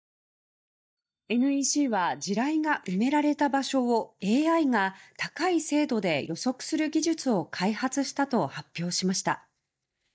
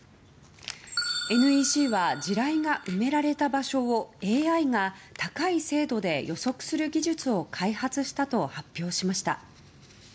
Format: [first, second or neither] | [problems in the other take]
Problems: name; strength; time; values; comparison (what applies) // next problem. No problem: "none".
second | noise reduction (neural mask model DeepFilterNet 3)